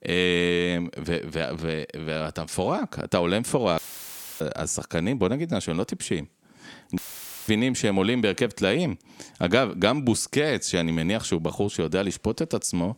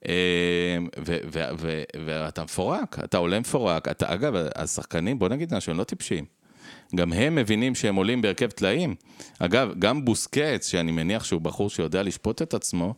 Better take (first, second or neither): second